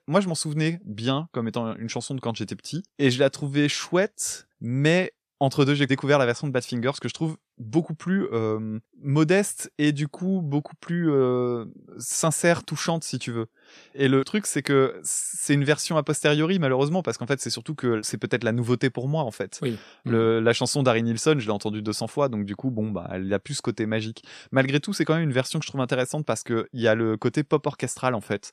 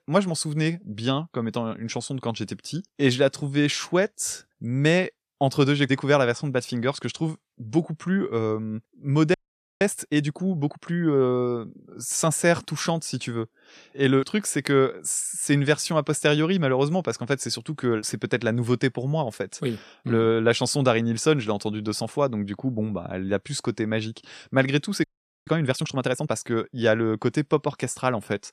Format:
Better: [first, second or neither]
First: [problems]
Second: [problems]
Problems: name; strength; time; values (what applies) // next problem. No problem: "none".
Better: first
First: none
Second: audio freezing; at 9.5 s and at 25 s